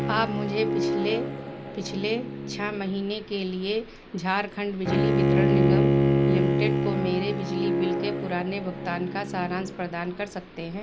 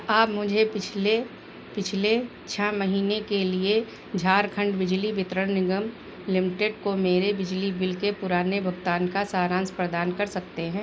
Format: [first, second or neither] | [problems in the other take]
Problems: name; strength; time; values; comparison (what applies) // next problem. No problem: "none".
second | background sound (Bowed string instrument); 3 dB above the speech